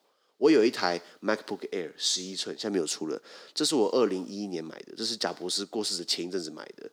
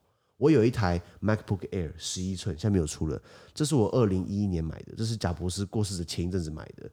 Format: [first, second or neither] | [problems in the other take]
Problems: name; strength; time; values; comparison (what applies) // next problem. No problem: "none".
second | thin; somewhat; fading below 250 Hz